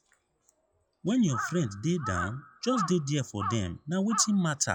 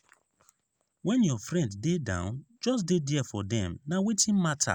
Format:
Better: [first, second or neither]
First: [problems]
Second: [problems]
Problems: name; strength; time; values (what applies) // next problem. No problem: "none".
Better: second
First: noise reduction (classical method log-MMSE)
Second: none